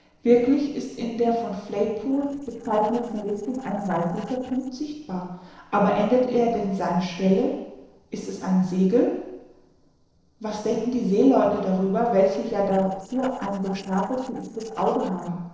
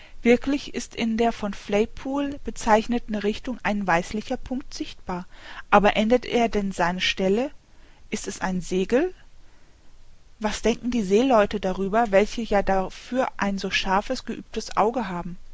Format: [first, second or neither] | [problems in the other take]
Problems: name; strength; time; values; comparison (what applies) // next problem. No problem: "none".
second | noise reduction (neural separator model SepFormer DNS4)